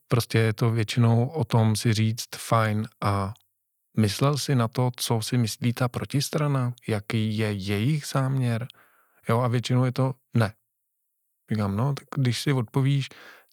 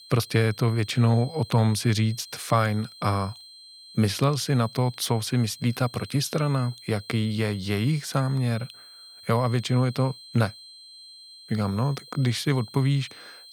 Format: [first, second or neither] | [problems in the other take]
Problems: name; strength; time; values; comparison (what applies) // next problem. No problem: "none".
first | high-pitched whine; noticeable; throughout; 4 kHz, 20 dB below the speech